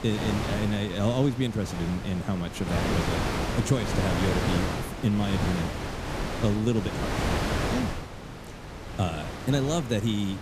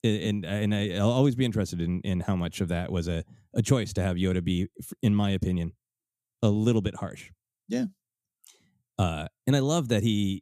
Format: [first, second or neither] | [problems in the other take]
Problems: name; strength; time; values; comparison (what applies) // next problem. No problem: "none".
second | wind noise on the microphone; heavy; as loud as the speech